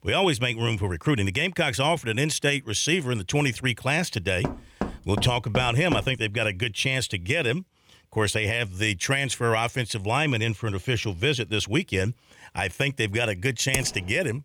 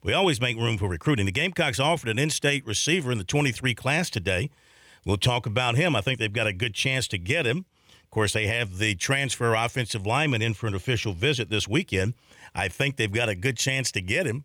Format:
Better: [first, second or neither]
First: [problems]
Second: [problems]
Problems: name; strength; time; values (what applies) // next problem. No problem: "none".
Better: second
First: door banging; noticeable; from 4.5 to 6 s; peak 7 dB below the speech // keyboard typing; noticeable; at 14 s; peak 6 dB below the speech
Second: none